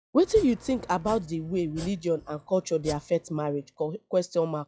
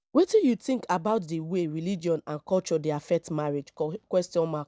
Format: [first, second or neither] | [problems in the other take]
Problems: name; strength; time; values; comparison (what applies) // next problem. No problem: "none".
second | noise reduction (classical method log-MMSE)